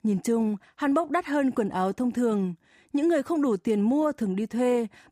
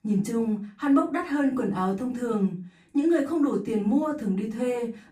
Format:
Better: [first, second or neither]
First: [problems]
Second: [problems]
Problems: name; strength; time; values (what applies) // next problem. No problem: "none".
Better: first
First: none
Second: off-mic speech; far // room echo; very slight; dies away in 0.3 s